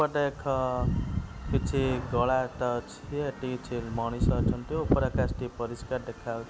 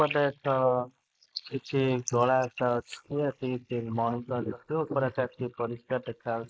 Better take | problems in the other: first | noise reduction (neural mask model Resemble Enhance denoiser)

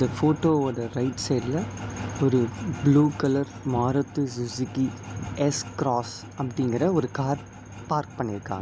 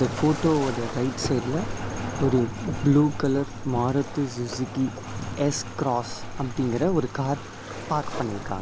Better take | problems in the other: first | background sound (Waves, surf); 9 dB below the speech

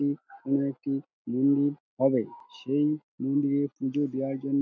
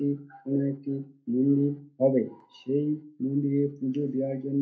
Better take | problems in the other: first | room echo; dies away in 0.3 s

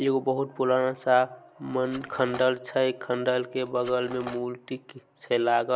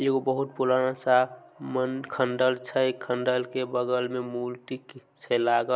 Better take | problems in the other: second | background sound (Cutlery, silverware); 17 dB below the speech

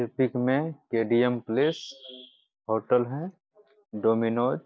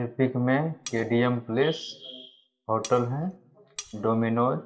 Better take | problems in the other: first | background sound (Cutlery, silverware); 17 dB below the speech // room echo; dies away in 0.5 s

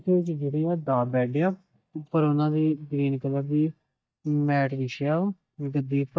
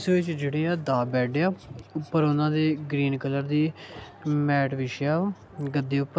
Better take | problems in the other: second | noise reduction (neural mask model DeepFilterNet 3)

